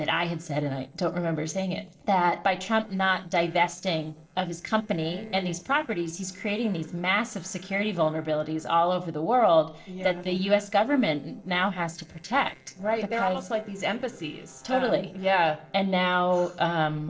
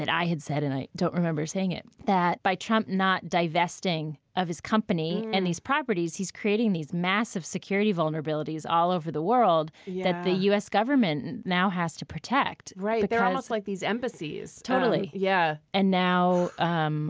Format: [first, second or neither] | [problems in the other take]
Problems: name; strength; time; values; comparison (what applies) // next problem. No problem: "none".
second | noise reduction (neural separator model SepFormer DNS4)